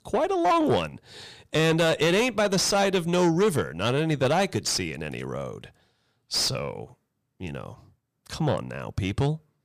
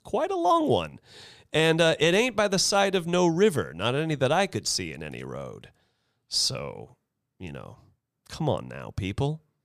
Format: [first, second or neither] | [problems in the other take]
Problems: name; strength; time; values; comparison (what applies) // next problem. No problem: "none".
second | distortion; slight; 10 dB below the speech